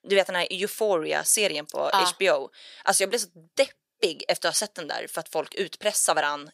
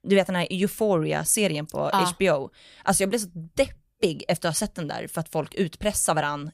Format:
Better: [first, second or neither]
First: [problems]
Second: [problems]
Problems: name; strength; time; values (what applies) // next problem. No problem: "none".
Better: second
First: thin; somewhat; fading below 450 Hz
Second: none